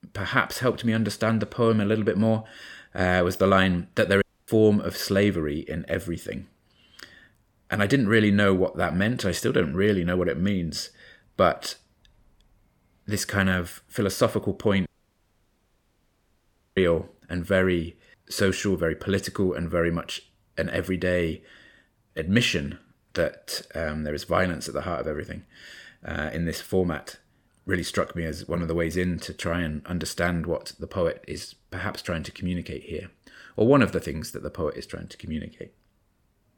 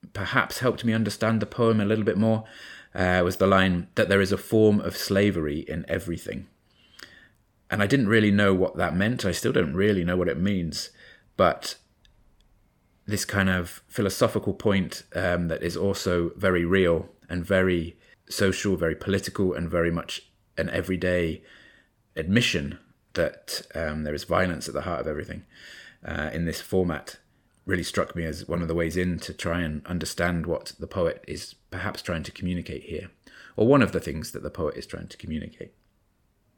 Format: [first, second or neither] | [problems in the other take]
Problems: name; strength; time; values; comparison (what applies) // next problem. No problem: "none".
second | audio cutting out; at 4 s and at 15 s for 2 s